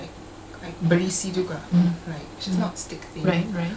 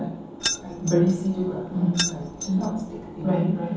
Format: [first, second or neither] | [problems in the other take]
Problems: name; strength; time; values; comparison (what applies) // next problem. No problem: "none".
first | background sound (Keys jangling); 8 dB below the speech // room echo; dies away in 1.2 s